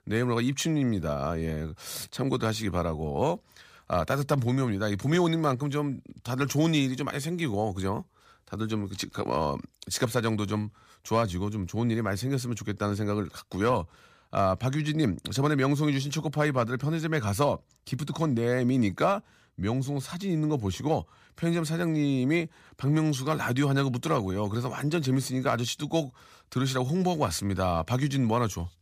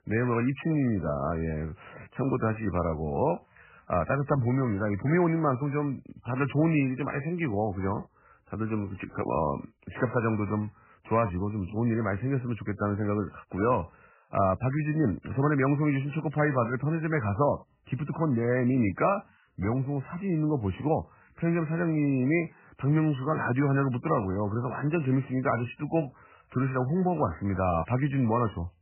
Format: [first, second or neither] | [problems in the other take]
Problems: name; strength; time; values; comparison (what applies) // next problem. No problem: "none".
first | garbled, watery; badly; nothing above 2.5 kHz